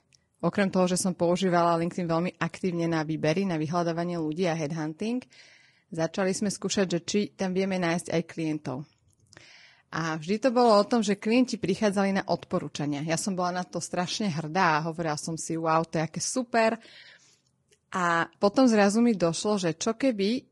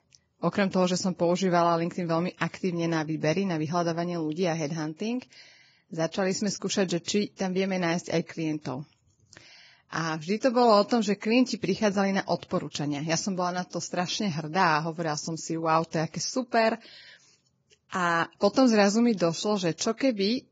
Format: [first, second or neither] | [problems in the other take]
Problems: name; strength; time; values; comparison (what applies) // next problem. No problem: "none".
first | garbled, watery; badly; nothing above 7.5 kHz; slightly in the first